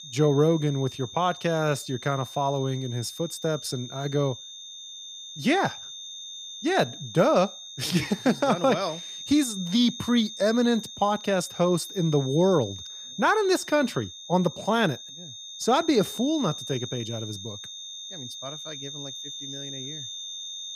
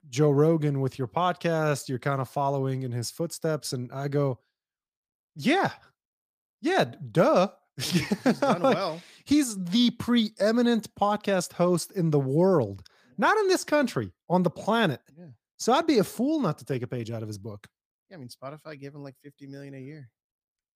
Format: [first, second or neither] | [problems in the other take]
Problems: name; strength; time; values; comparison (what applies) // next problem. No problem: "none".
second | high-pitched whine; noticeable; throughout; 3.5 kHz, 10 dB below the speech